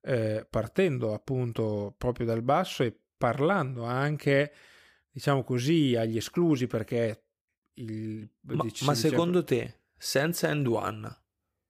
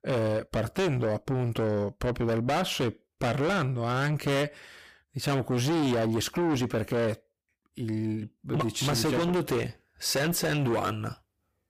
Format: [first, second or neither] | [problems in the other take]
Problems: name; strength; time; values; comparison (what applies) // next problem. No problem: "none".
first | distortion; heavy; 6 dB below the speech